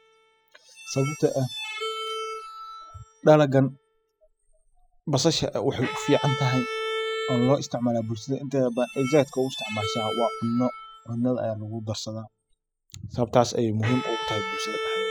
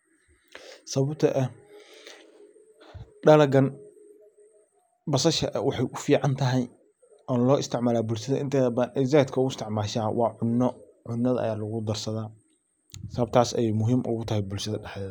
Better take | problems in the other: second | noise reduction (classical method spectral subtraction)

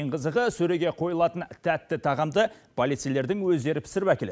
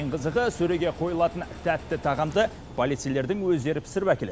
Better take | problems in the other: first | background sound (Engine); 15 dB below the speech

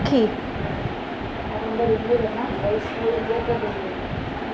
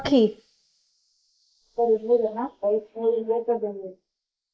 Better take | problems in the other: first | noise reduction (neural mask model Resemble Enhance denoiser)

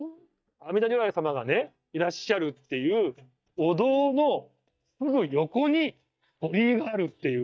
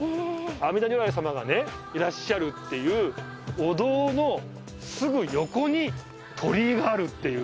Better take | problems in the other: second | noise reduction (neural mask model DeepFilterNet 3)

